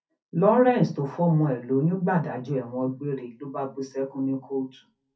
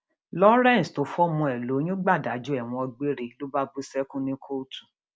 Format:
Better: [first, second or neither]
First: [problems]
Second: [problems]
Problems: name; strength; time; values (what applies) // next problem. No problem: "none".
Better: second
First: room echo; dies away in 0.3 s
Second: none